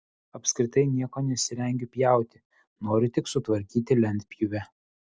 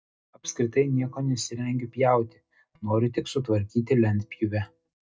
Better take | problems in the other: first | noise reduction (neural mask model DeepFilterNet 3)

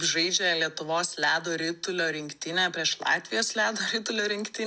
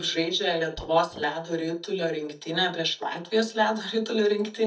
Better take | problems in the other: first | noise reduction (neural mask model DeepFilterNet 3)

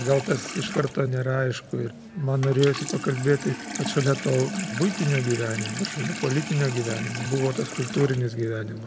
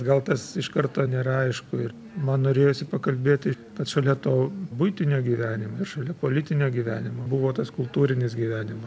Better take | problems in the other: second | background sound (Sink (filling or washing) / Water tap, faucet); 10 dB below the speech

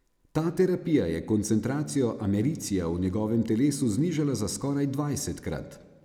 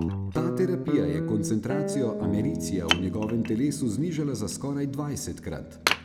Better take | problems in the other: first | background sound (Wood + Guitar); 2 dB below the speech

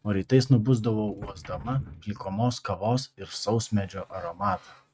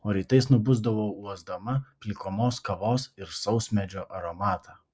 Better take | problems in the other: second | noise reduction (neural mask model RNNoise)

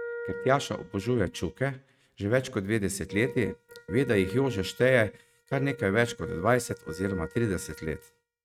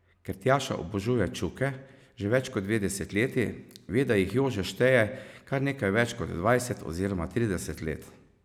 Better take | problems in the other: second | noise reduction (neural mask model RNNoise)

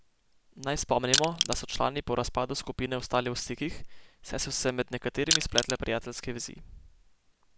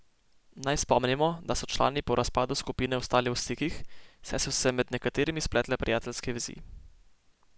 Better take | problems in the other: second | background sound (Crushing); 2 dB above the speech

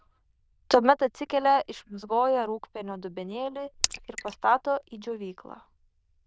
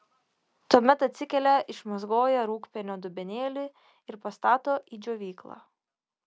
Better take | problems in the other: second | noise reduction (neural diffusion model UNIVERSE++)

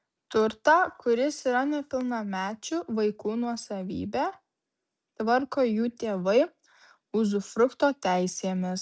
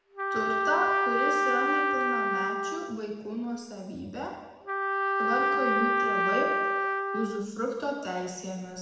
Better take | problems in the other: first | background sound (Trumpet); 5 dB above the speech // room echo; dies away in 1.1 s

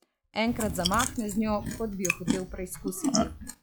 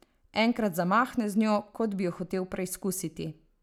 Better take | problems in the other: second | noise reduction (classical method log-MMSE)

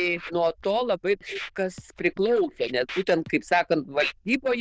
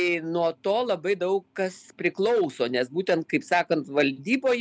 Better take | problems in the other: second | noise reduction (neural diffusion model UNIVERSE++)

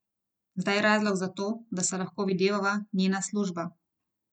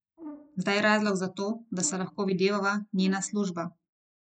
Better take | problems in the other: first | noise reduction (neural mask model Resemble Enhance denoiser)

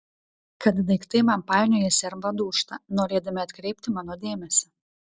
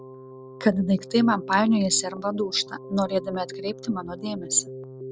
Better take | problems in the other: first | background sound (Keyboard (musical)); 14 dB below the speech

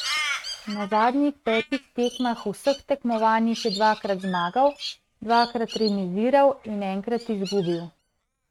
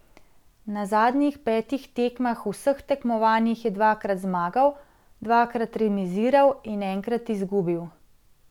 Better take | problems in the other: second | noise reduction (neural mask model RNNoise)

